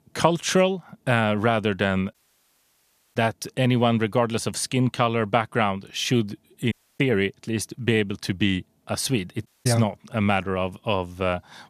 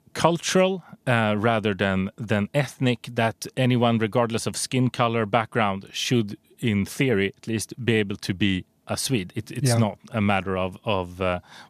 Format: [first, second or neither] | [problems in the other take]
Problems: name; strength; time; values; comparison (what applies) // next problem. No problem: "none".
second | audio cutting out; at 2 s for 1 s, at 6.5 s and at 9.5 s